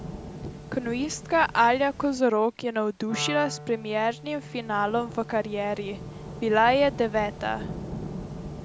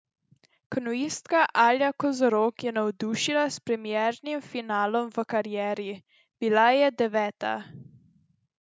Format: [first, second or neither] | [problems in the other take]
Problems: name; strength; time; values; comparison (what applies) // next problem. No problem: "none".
second | background sound (Rain / Thunderstorm + Wind instrument, woodwind instrument); 12 dB below the speech